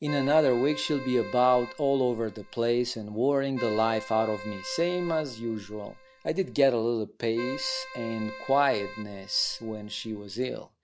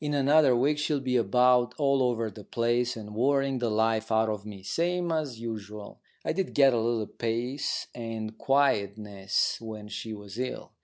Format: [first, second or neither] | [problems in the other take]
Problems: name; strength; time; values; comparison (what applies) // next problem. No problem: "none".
second | background sound (Keyboard (musical)); 14 dB below the speech